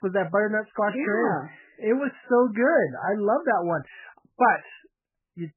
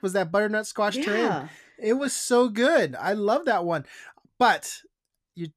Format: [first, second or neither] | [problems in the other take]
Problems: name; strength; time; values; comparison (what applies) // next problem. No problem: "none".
second | garbled, watery; badly; nothing above 3 kHz